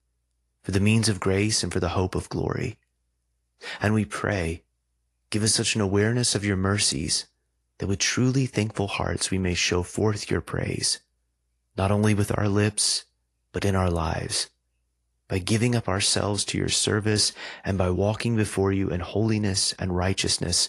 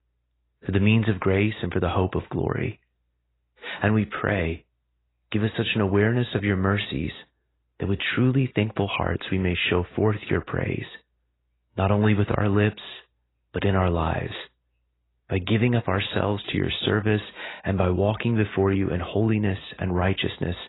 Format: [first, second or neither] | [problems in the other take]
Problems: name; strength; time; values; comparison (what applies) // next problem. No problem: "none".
first | garbled, watery; badly; nothing above 4 kHz; slightly in the first